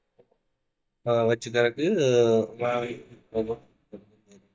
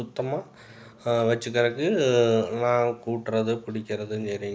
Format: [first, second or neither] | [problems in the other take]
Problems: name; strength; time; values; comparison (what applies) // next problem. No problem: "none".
second | noise reduction (neural mask model DeepFilterNet 3)